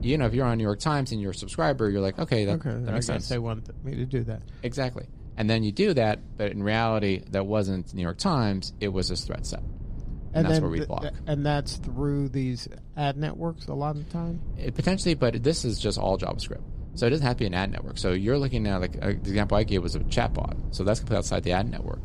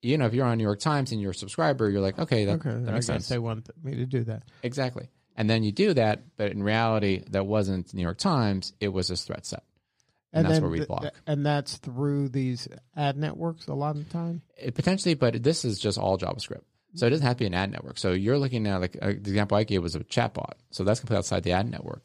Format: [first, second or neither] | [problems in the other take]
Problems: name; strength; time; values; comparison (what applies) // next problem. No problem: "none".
second | low rumble; faint; throughout; 25 dB below the speech